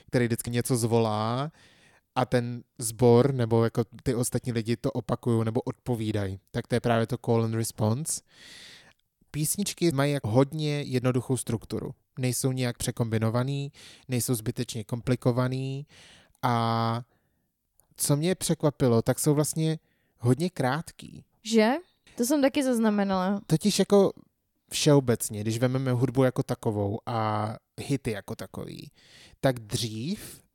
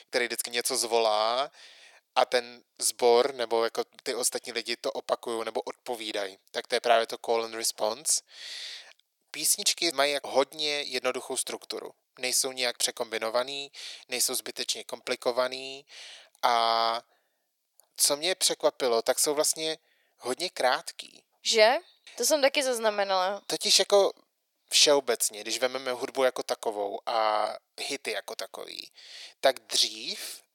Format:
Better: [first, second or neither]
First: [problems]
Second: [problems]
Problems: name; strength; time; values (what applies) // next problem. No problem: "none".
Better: first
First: none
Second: thin; very; fading below 450 Hz